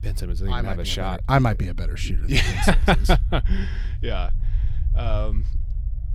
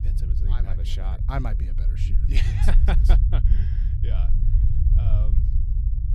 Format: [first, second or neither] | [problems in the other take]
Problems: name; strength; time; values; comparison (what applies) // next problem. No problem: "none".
first | low rumble; loud; throughout; 5 dB below the speech; faint in the first